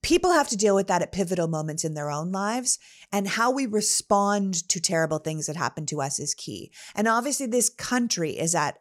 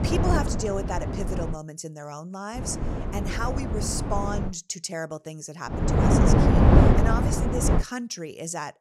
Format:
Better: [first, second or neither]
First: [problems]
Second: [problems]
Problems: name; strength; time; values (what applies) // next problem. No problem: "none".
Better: first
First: none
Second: wind noise on the microphone; heavy; until 1.5 s, from 2.5 to 4.5 s and from 5.5 to 8 s; 3 dB above the speech